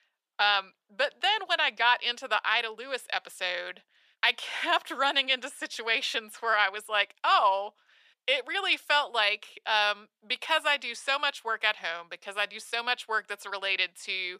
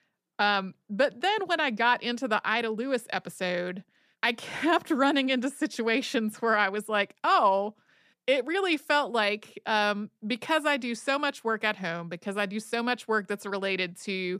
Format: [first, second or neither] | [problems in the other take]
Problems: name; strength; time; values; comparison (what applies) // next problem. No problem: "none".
second | thin; very; fading below 800 Hz